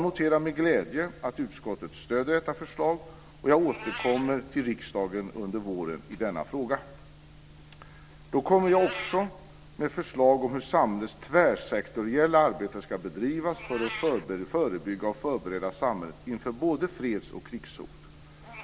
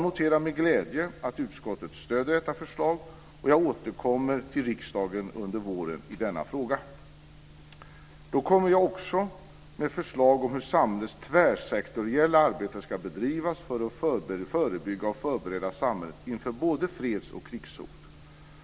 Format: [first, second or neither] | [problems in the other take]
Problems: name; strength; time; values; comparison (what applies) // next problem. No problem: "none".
second | background sound (Meow); 19 dB below the speech